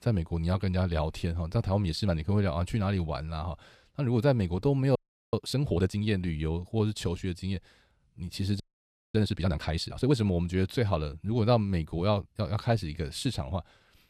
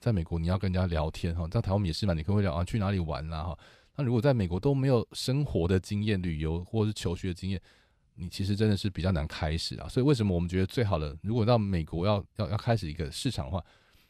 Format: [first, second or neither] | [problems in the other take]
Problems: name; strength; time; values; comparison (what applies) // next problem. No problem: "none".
second | audio freezing; at 5 s and at 8.5 s for 0.5 s